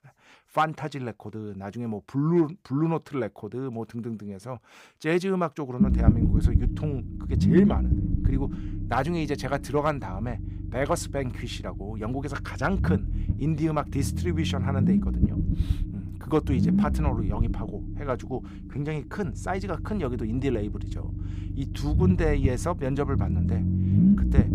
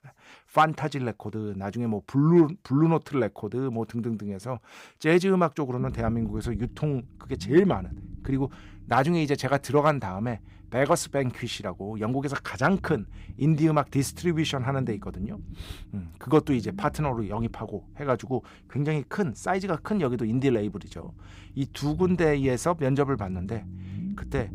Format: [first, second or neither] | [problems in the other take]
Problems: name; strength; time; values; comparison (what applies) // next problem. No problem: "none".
second | low rumble; loud; from 6 s on; 4 dB below the speech; faint in the second